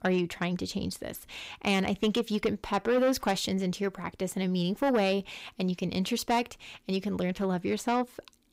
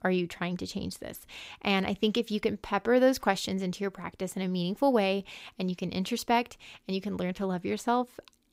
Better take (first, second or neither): second